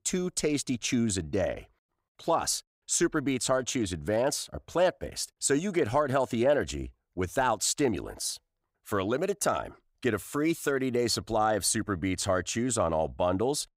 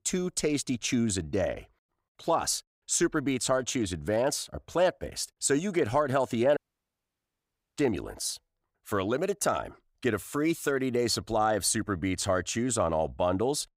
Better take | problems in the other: first | audio cutting out; at 6.5 s for 1 s

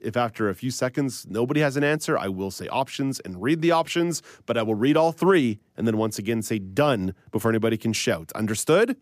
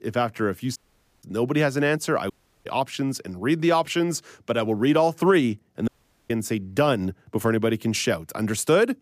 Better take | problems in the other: first | audio cutting out; at 1 s, at 2.5 s and at 6 s

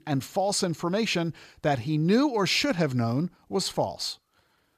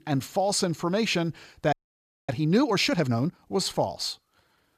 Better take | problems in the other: first | audio freezing; at 1.5 s for 0.5 s

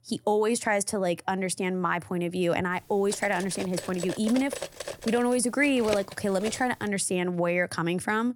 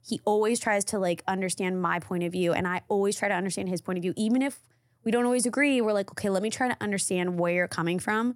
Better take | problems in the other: second | clattering dishes; noticeable; from 3 to 6.5 s; peak 8 dB below the speech

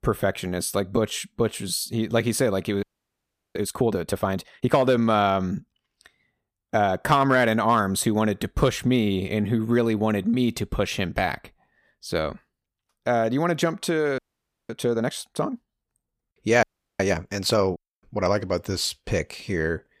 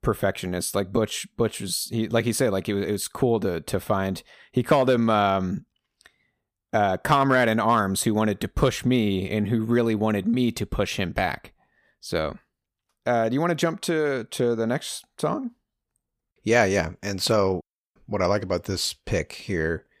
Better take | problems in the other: second | audio freezing; at 3 s for 0.5 s, at 14 s for 0.5 s and at 17 s

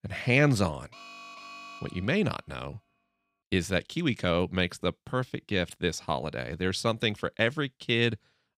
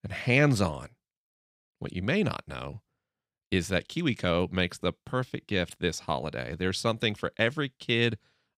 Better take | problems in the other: second | alarm; faint; from 1 to 2 s; peak 15 dB below the speech

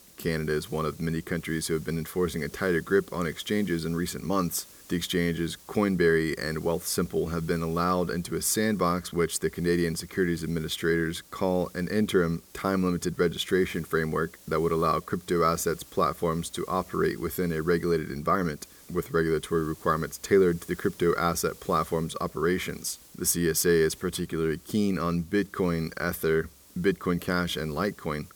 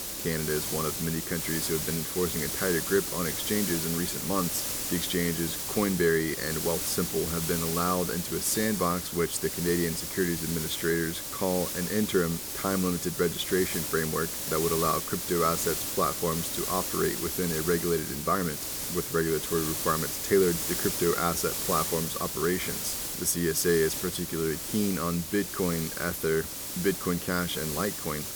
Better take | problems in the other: first | hiss; loud; throughout; 2 dB below the speech; faint in the first

